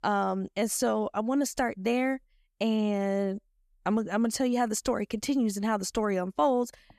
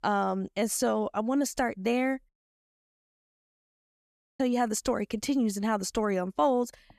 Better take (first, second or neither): first